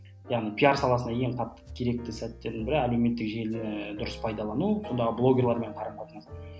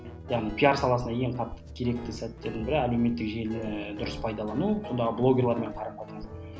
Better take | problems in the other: first | background sound (Guitar); 14 dB below the speech

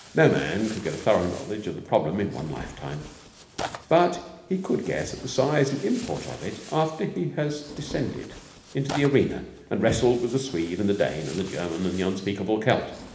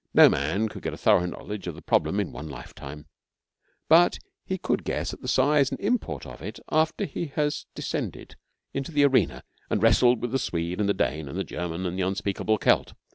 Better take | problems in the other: second | background sound (Tearing); 17 dB below the speech // room echo; dies away in 1 s

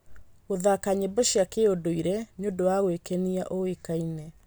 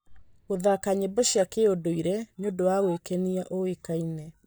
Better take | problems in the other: first | noise reduction (neural mask model DeepFilterNet 3)

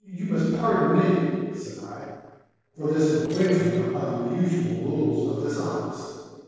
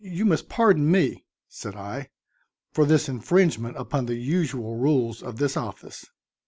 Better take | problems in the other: second | noise reduction (neural separator model SepFormer DNS4)

